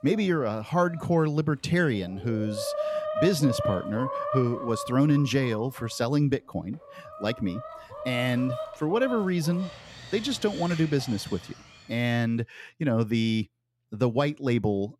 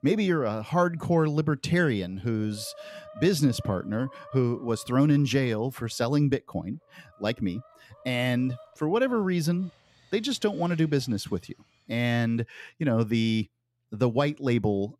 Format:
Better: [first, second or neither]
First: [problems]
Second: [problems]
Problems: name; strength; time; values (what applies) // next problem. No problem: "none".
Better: second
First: animal sounds; loud; until 12 s; 8 dB below the speech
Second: animal sounds; faint; until 12 s; 25 dB below the speech